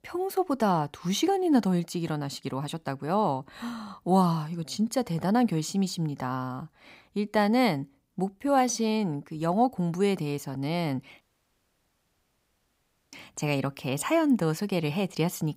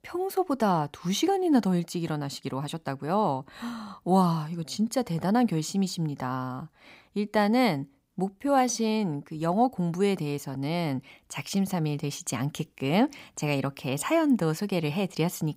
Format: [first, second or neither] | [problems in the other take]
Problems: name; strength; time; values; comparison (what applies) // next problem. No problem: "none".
second | audio cutting out; at 11 s for 2 s